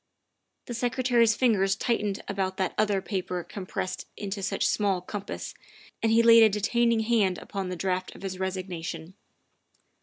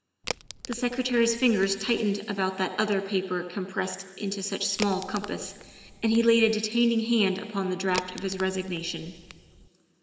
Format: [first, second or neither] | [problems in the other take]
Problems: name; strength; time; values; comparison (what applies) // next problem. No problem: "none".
first | background sound (Crack); 14 dB below the speech // room echo; dies away in 3 s